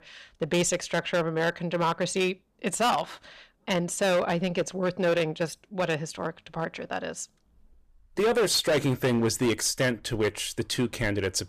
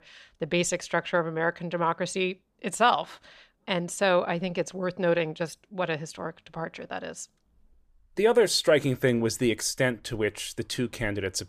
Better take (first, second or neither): second